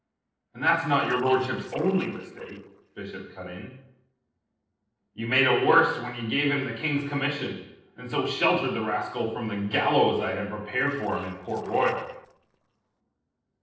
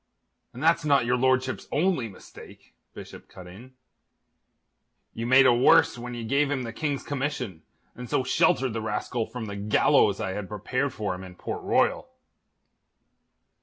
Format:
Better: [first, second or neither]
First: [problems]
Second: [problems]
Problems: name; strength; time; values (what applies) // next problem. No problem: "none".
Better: second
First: noise reduction (neural separator model SepFormer DNS4)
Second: none